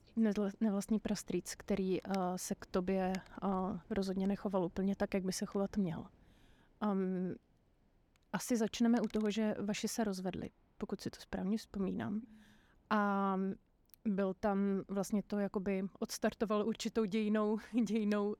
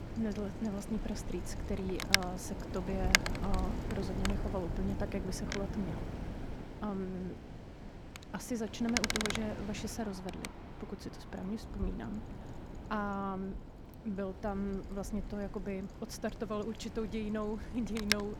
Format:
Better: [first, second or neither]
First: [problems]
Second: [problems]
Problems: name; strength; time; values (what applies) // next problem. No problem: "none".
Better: first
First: wind noise on the microphone; occasional gusts; 25 dB below the speech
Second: wind noise on the microphone; heavy; 5 dB above the speech